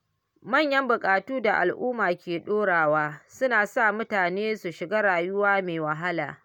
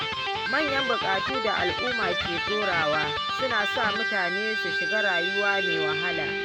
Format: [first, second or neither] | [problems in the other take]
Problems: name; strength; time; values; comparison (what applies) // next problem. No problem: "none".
first | background sound (Electric guitar); 2 dB above the speech